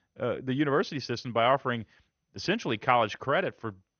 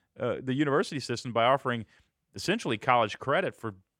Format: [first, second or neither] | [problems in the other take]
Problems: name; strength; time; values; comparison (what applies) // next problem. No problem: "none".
second | garbled, watery; slightly; nothing above 6.5 kHz